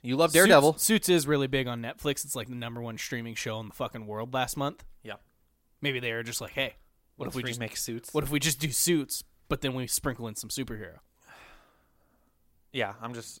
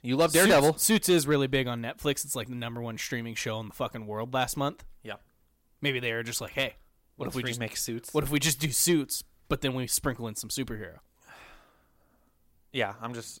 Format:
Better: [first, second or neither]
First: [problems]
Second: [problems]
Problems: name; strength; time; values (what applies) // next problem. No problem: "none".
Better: first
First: none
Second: distortion; slight; 1.1% of the sound clipped